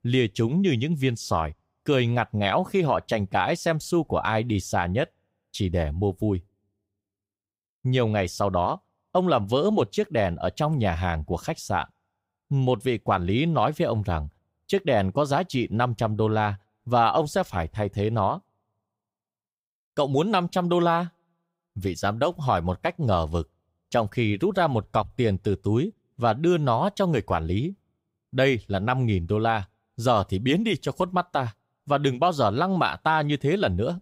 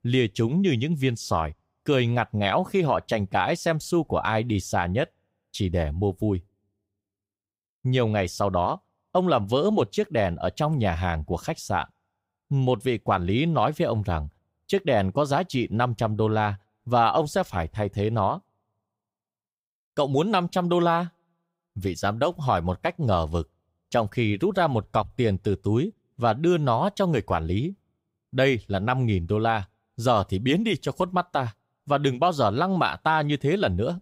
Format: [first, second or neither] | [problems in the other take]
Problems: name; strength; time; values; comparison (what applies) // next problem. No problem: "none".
neither | none